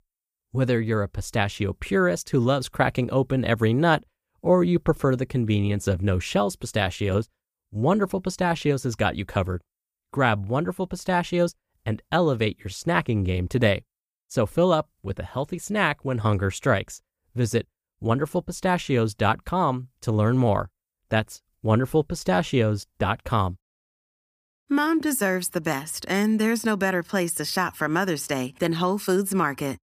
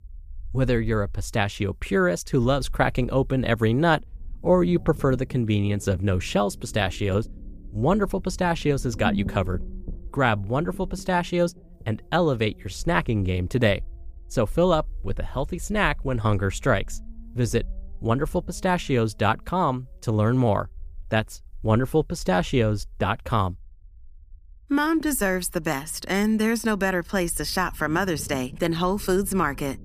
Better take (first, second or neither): first